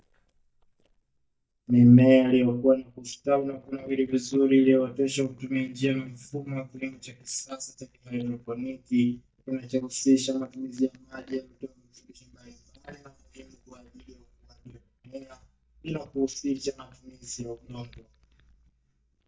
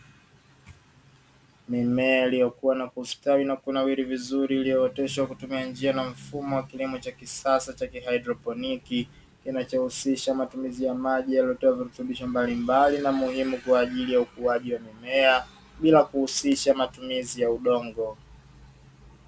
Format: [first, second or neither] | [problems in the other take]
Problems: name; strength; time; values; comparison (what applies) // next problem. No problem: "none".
second | noise reduction (neural mask model DeepFilterNet 3)